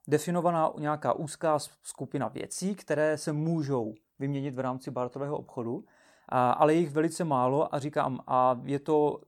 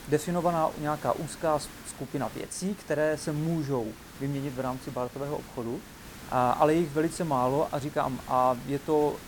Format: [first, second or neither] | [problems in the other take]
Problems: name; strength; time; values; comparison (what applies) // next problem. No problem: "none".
first | hiss; noticeable; throughout; 15 dB below the speech